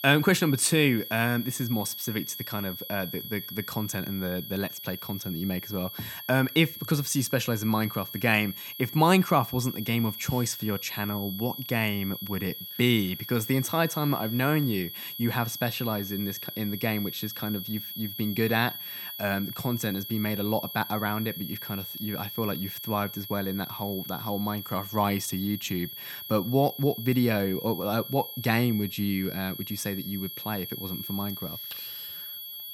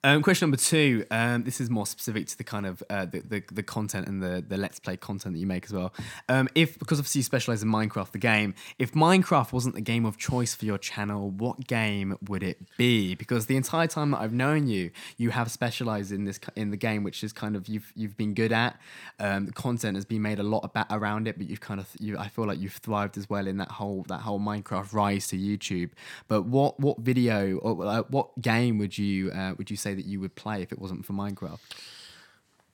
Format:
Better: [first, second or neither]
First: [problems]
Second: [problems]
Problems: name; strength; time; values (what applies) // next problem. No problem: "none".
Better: second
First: high-pitched whine; loud; throughout; 3.5 kHz, 8 dB below the speech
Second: none